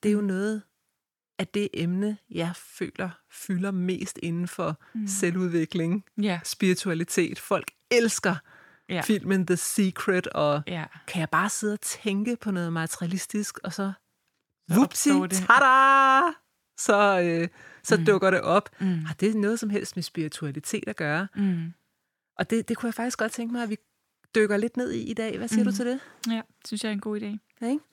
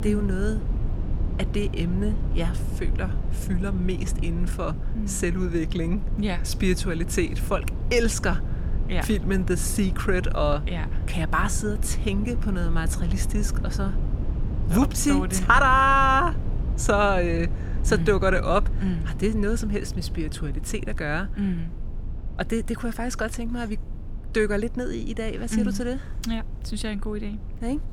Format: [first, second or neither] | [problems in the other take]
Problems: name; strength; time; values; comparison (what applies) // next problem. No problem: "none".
first | low rumble; noticeable; throughout; 15 dB below the speech